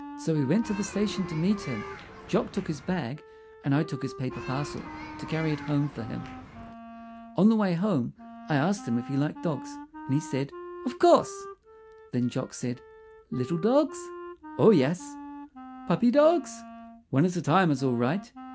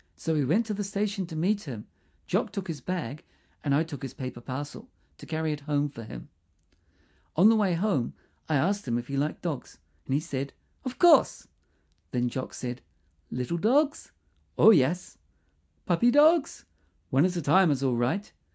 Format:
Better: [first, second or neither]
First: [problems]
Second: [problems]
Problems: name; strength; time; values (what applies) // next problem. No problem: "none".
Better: second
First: background sound (Wind instrument, woodwind instrument + Human group actions); 14 dB below the speech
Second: none